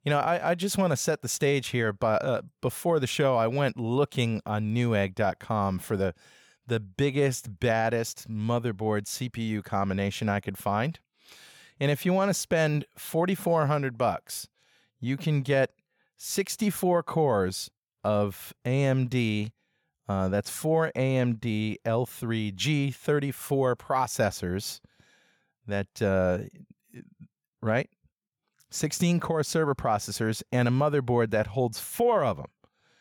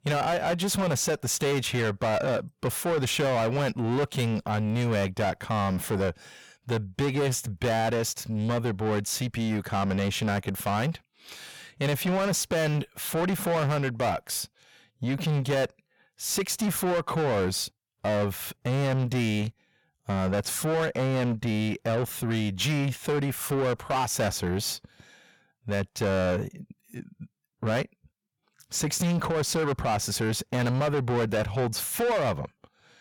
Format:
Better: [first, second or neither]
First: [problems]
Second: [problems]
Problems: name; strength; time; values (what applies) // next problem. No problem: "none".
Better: first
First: none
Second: distortion; heavy; 8 dB below the speech